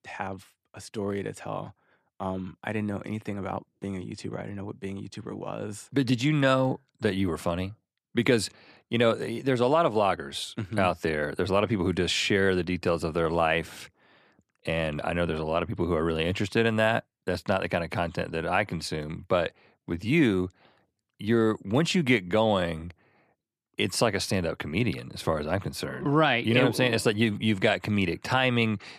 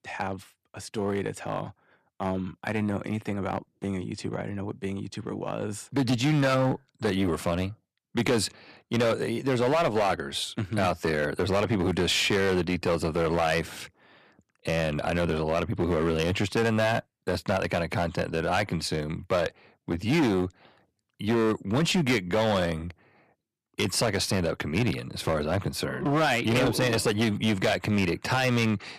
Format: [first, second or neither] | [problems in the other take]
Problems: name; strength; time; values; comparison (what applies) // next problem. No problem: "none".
first | distortion; heavy; 9% of the sound clipped